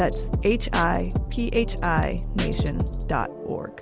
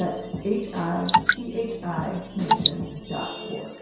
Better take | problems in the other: first | background sound (Drip / Water); as loud as the speech // room echo; dies away in 0.7 s

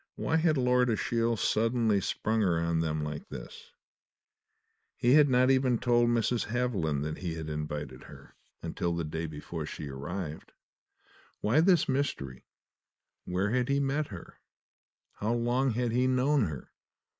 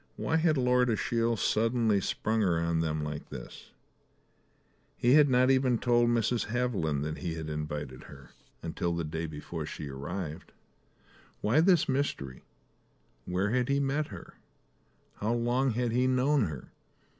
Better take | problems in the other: second | noise reduction (neural mask model Resemble Enhance denoiser)

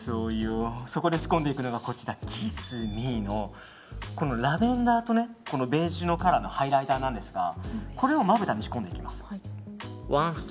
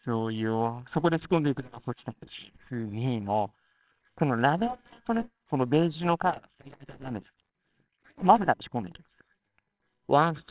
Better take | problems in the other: first | noise reduction (neural separator model SepFormer WHAMR!)

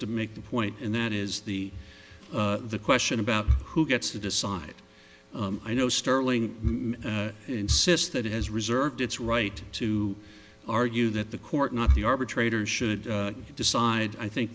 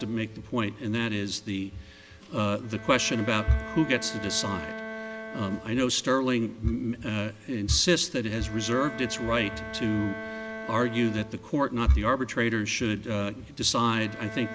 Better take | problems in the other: first | background sound (Bowed string instrument); 14 dB below the speech

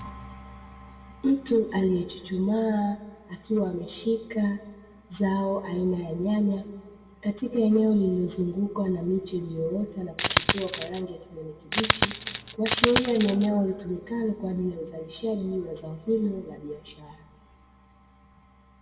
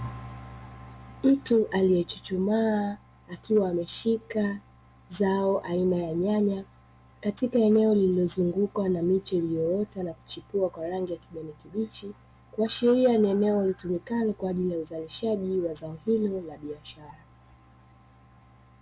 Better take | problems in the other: second | background sound (Coin (dropping)); 1 dB above the speech // room echo; dies away in 1.2 s

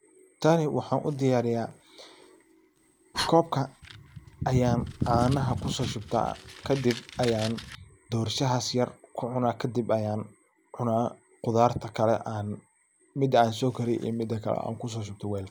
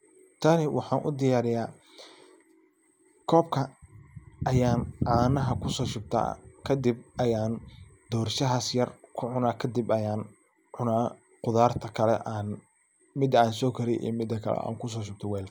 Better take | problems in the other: second | background sound (Fire); 18 dB below the speech

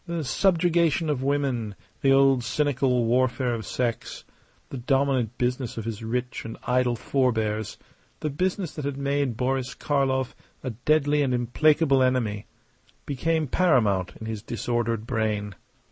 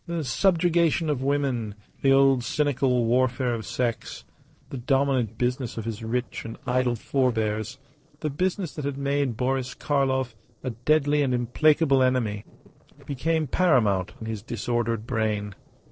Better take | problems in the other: first | noise reduction (neural separator model SepFormer DNS4)

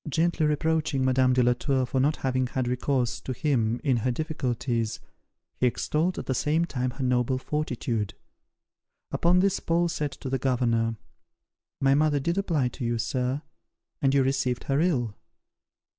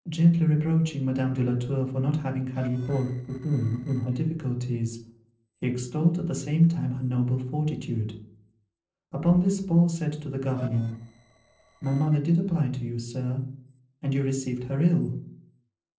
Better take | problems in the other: first | noise reduction (neural separator model SepFormer DNS4)

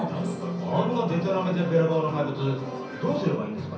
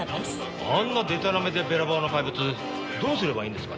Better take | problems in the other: second | room echo; dies away in 0.6 s

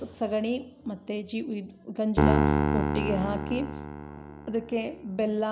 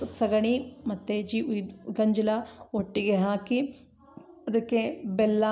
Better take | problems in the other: second | background sound (Piano); 1 dB above the speech

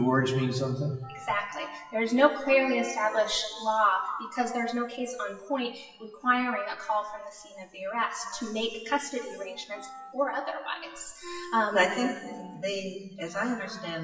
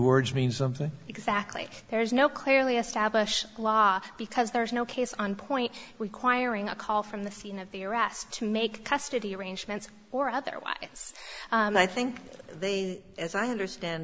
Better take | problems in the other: second | noise reduction (classical method WPE with log-MMSE)

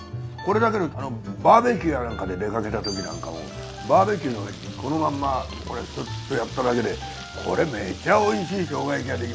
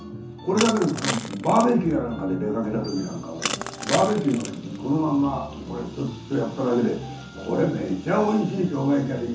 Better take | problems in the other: first | background sound (Crushing); 9 dB below the speech // room echo; dies away in 0.9 s

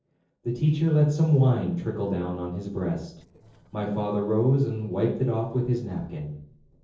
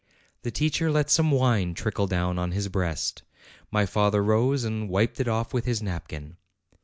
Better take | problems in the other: second | noise reduction (neural separator model SepFormer DNS4)

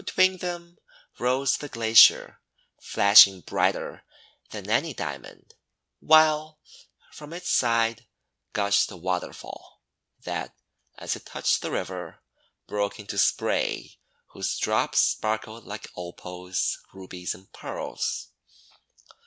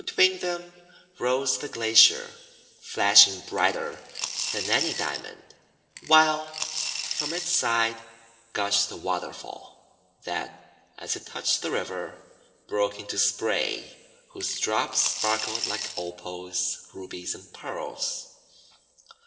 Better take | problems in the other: first | background sound (Coin (dropping) / Glass); 5 dB below the speech // room echo; dies away in 2.2 s

